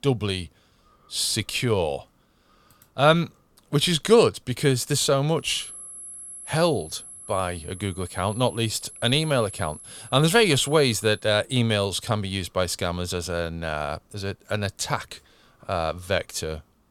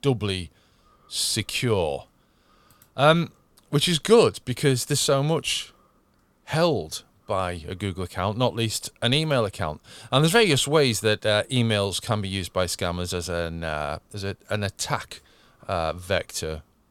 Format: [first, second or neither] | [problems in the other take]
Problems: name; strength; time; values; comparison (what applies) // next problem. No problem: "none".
second | high-pitched whine; noticeable; from 5.5 to 11 s; 11 kHz, 15 dB below the speech